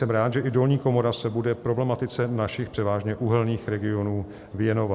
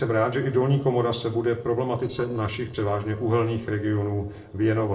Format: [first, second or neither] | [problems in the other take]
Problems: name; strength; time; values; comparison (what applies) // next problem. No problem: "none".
first | noise reduction (neural separator model SepFormer DNS4)